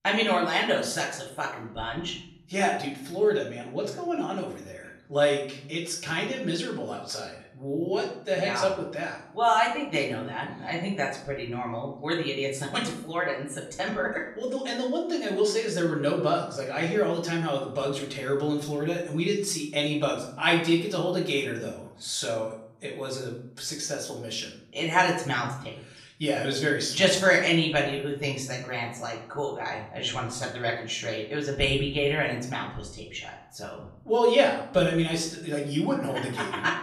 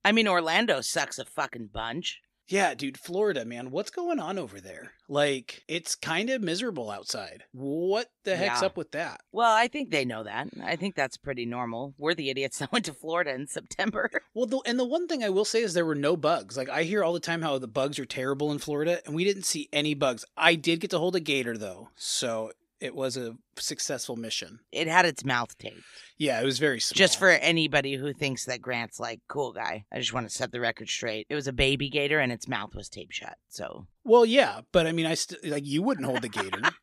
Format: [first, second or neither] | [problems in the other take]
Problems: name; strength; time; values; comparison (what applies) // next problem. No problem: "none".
second | off-mic speech; far // room echo; noticeable; dies away in 0.6 s